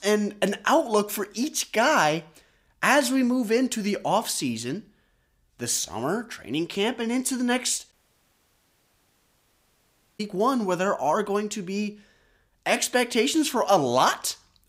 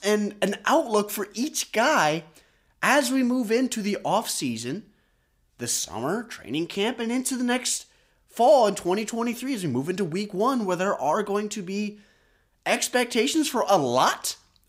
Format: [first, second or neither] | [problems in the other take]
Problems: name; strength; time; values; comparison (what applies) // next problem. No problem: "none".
second | audio cutting out; at 8 s for 2.5 s